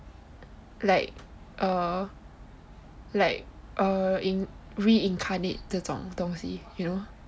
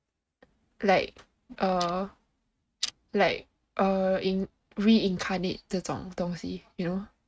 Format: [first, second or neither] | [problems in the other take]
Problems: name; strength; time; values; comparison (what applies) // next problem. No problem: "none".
first | noise reduction (neural mask model RNNoise)